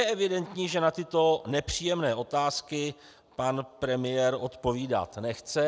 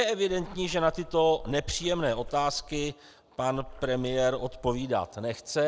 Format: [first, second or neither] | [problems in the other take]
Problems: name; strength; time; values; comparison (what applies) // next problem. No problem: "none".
first | background sound (Water / Splash, splatter); 13 dB below the speech